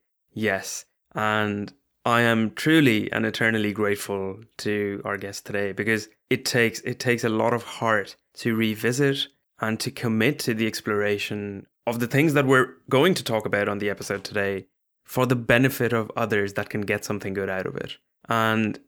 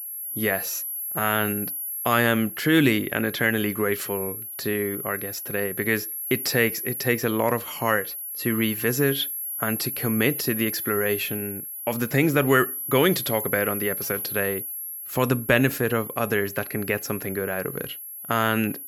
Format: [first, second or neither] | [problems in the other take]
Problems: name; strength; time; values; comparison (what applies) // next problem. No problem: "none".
first | high-pitched whine; loud; throughout; 11.5 kHz, 6 dB below the speech